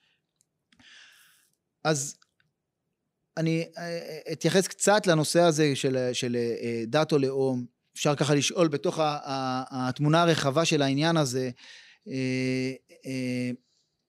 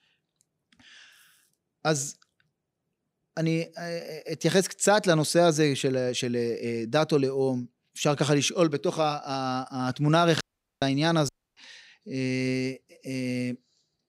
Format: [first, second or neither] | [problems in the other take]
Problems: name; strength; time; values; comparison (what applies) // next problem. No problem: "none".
first | audio cutting out; at 10 s and at 11 s